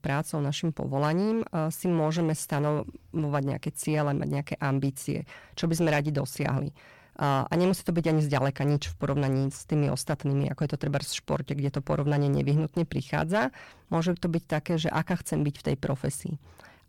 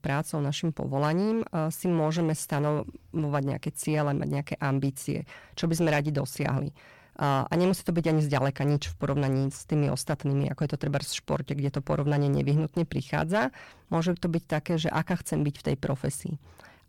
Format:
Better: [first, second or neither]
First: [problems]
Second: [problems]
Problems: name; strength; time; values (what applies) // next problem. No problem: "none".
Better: neither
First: distortion; slight; 7% of the sound clipped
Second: distortion; slight; 7% of the sound clipped